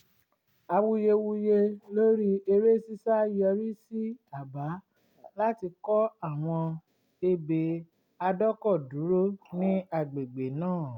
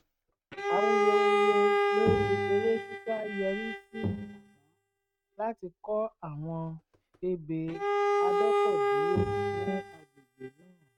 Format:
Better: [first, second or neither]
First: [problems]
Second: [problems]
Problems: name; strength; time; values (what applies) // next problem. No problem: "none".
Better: first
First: none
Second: noise reduction (neural mask model RNNoise)